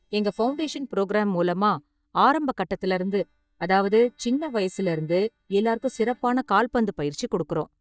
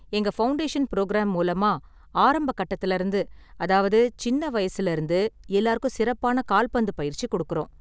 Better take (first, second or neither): second